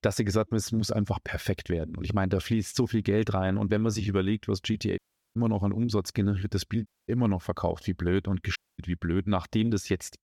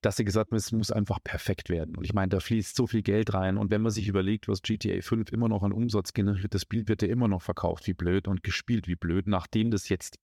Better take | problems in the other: second | audio cutting out; at 5 s, at 7 s and at 8.5 s

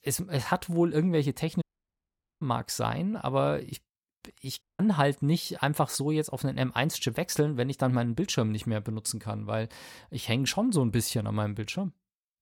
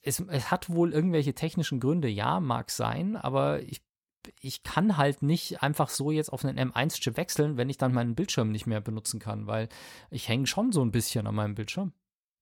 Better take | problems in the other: second | audio cutting out; at 1.5 s for 1 s and at 4.5 s

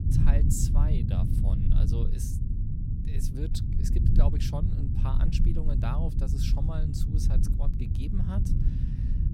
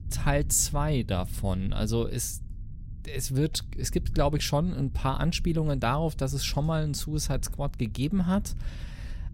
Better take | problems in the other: second | low rumble; loud; throughout; as loud as the speech; faint in the second

